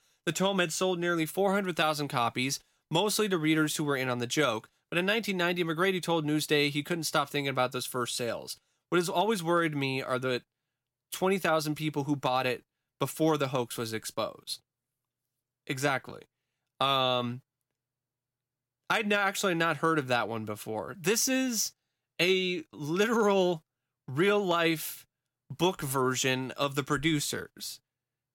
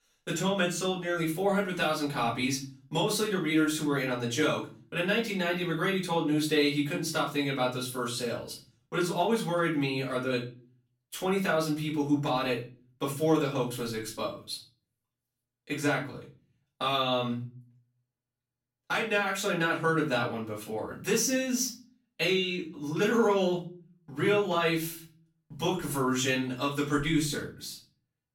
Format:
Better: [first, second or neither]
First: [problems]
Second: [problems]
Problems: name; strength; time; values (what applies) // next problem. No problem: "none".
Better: first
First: none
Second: off-mic speech; far // room echo; slight; dies away in 0.4 s